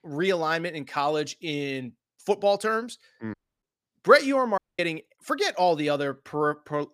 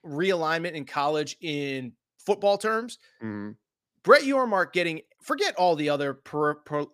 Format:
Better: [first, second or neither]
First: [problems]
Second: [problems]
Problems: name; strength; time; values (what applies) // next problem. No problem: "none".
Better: second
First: audio cutting out; at 3.5 s and at 4.5 s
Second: none